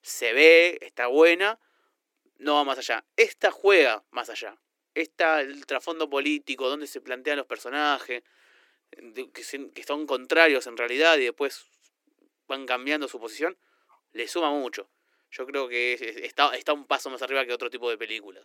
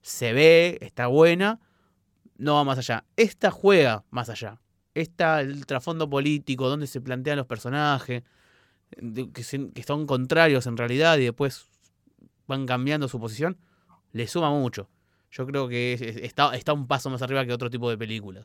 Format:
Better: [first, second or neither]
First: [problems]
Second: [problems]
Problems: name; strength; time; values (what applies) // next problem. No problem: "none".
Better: second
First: thin; somewhat; fading below 300 Hz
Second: none